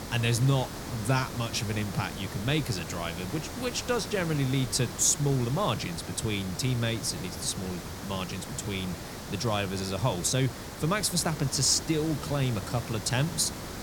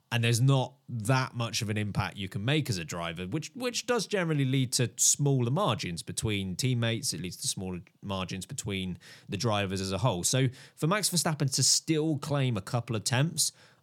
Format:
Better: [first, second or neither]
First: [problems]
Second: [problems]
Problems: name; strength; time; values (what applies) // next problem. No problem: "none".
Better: second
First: hiss; loud; throughout; 9 dB below the speech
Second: none